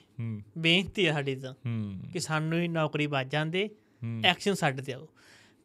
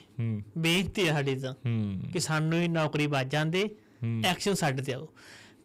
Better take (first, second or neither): first